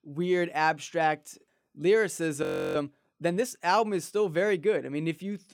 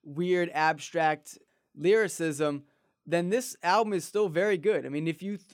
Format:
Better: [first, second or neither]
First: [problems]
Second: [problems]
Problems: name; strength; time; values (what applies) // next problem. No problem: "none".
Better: second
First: audio freezing; at 2.5 s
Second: none